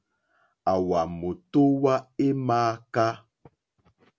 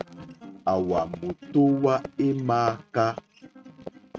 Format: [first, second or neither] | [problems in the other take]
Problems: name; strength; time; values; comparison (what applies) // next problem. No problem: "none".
first | noise reduction (neural mask model RNNoise)